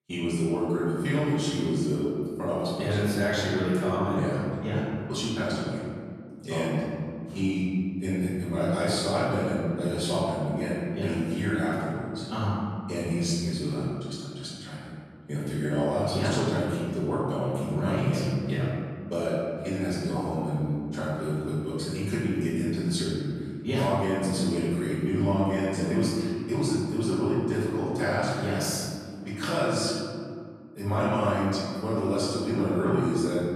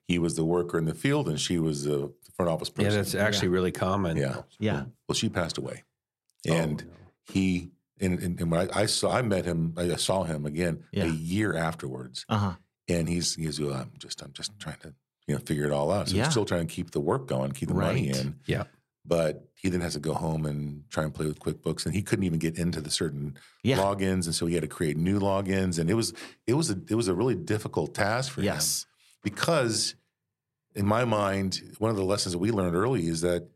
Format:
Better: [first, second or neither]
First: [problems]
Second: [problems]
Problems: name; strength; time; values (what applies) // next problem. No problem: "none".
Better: second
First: off-mic speech; far // room echo; strong; dies away in 2.3 s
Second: none